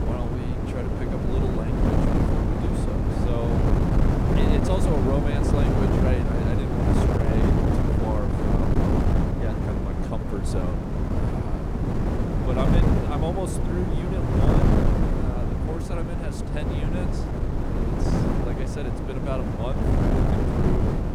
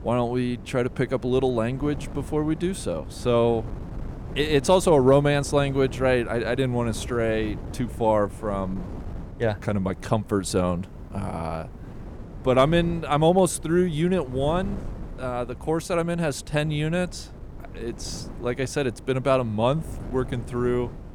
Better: second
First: wind noise on the microphone; heavy; 5 dB above the speech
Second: wind noise on the microphone; occasional gusts; 20 dB below the speech

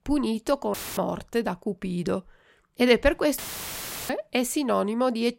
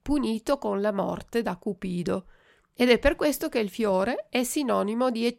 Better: second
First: audio cutting out; filled with static; at 0.5 s and at 3.5 s for 0.5 s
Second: none

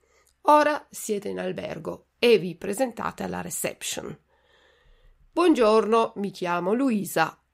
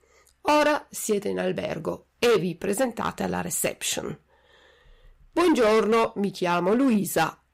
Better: first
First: none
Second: distortion; heavy; 8% of the sound clipped

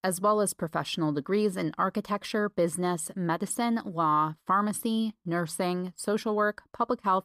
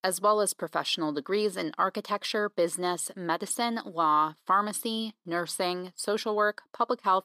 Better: first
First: none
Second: thin; very slightly; fading below 300 Hz

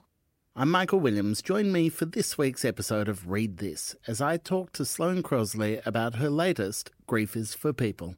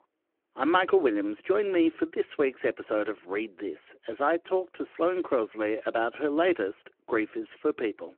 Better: first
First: none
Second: phone-call audio

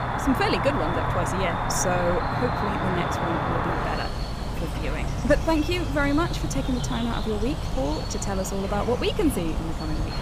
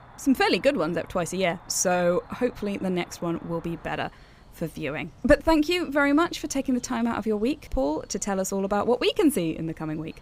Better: second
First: animal sounds; loud; throughout; 1 dB below the speech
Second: animal sounds; faint; throughout; 25 dB below the speech

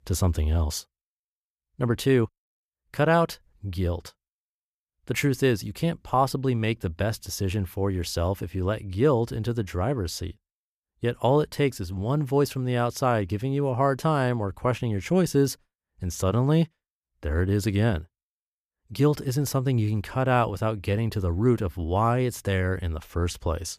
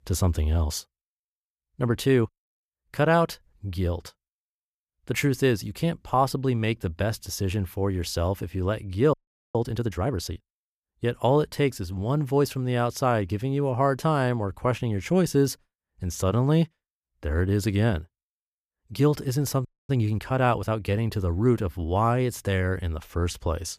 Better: first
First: none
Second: audio freezing; at 9 s and at 20 s

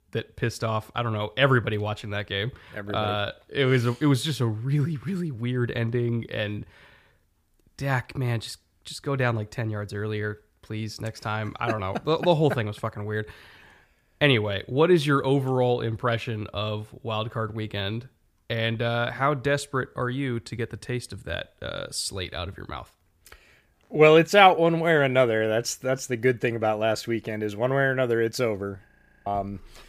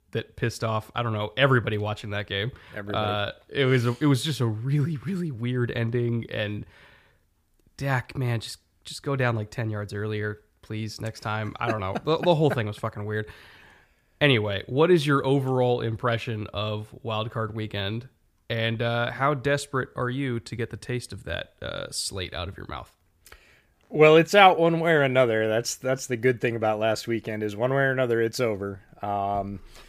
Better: second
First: audio freezing; at 29 s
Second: none

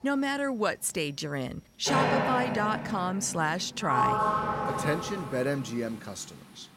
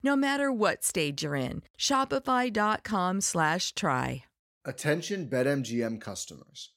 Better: second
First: household noises; very loud; throughout; as loud as the speech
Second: none

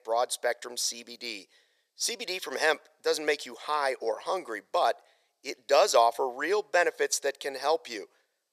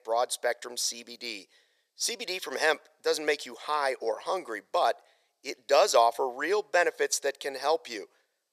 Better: neither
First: thin; very; fading below 500 Hz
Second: thin; very; fading below 500 Hz

